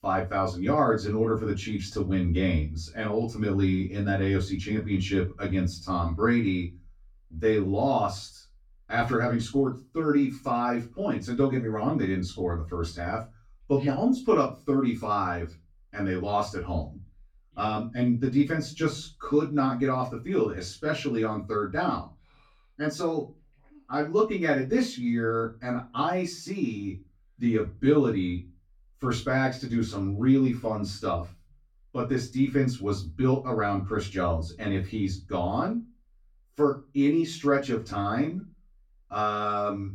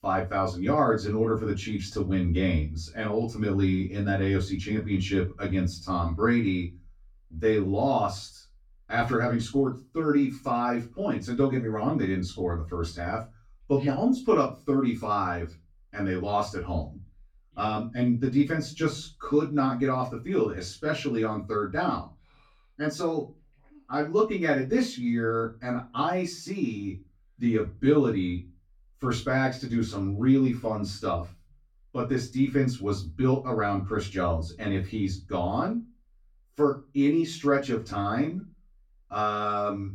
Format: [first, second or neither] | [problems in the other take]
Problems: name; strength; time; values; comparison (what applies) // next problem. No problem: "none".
neither | off-mic speech; far; the same in both // room echo; very slight; dies away in 0.2 s; the same in both